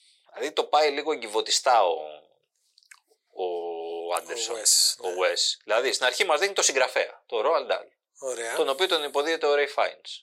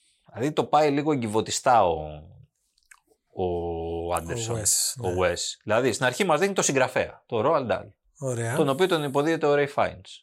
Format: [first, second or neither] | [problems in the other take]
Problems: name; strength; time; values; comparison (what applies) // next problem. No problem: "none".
second | thin; very; fading below 450 Hz